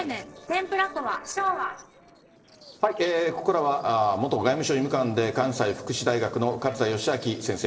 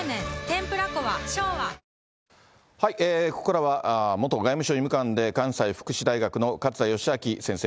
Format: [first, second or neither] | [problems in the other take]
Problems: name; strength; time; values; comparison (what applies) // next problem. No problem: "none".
second | noise reduction (neural separator model SepFormer DNS4)